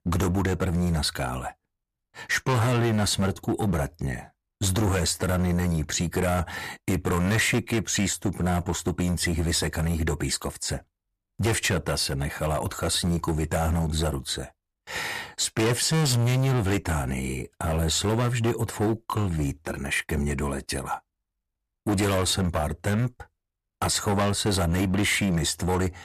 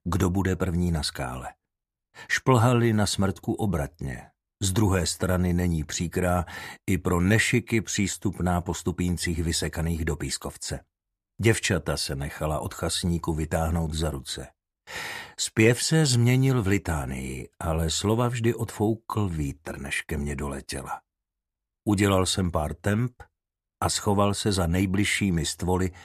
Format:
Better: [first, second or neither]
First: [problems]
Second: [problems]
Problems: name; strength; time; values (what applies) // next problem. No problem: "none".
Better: second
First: distortion; heavy; 14% of the sound clipped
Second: none